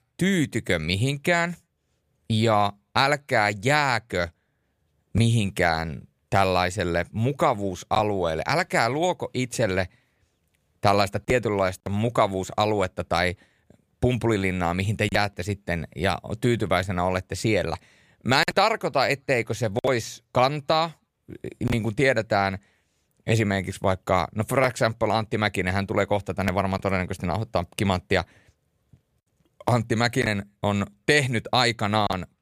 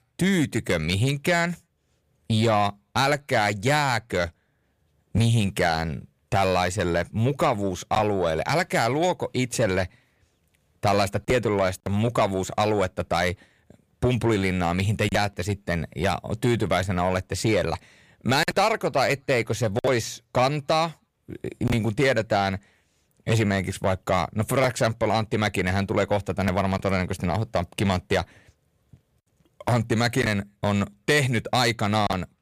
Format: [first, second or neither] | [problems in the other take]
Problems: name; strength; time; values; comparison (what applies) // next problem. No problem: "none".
first | distortion; slight; 10 dB below the speech